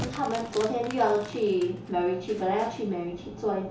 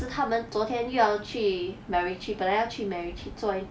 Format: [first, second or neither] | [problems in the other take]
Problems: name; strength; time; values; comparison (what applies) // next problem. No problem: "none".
second | background sound (Crushing); 19 dB below the speech // room echo; dies away in 0.7 s